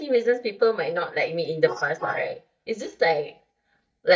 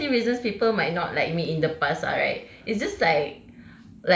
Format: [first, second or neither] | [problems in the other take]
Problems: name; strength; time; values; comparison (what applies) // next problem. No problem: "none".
second | noise reduction (neural mask model DeepFilterNet 3)